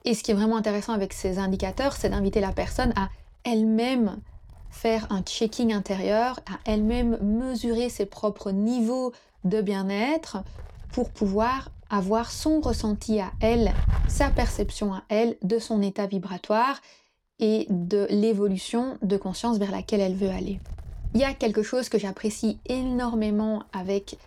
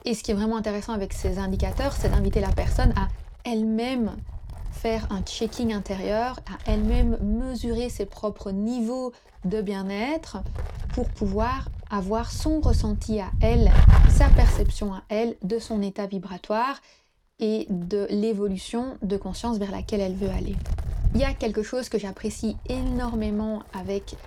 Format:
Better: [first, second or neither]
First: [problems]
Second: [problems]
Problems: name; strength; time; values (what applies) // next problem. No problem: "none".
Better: first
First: wind noise on the microphone; occasional gusts; 20 dB below the speech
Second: wind noise on the microphone; heavy; 10 dB below the speech